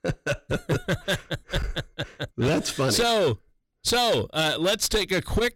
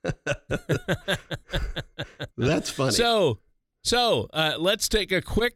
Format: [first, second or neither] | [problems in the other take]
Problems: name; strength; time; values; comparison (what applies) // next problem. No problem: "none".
second | distortion; slight; 10% of the sound clipped